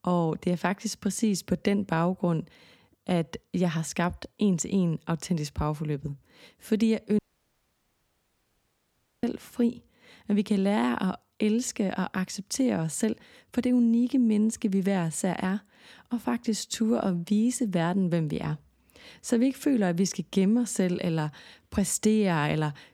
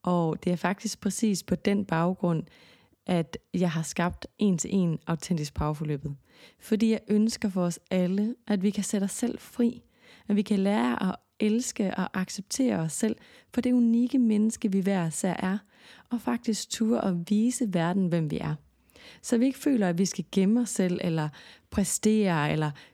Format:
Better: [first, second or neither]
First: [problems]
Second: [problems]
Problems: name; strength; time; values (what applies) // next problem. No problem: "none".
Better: second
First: audio cutting out; at 7 s for 2 s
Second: none